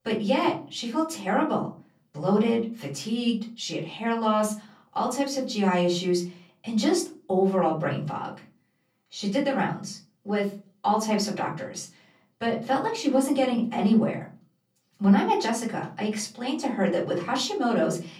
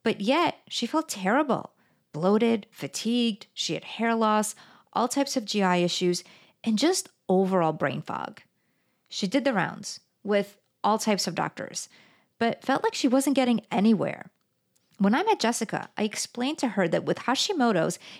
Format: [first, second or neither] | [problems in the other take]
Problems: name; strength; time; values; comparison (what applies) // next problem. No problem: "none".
second | off-mic speech; far // room echo; slight; dies away in 0.3 s